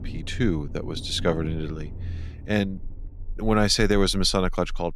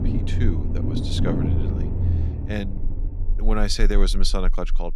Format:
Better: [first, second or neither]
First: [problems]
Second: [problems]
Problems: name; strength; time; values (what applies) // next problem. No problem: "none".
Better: first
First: low rumble; faint; throughout; 20 dB below the speech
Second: low rumble; loud; throughout; 5 dB below the speech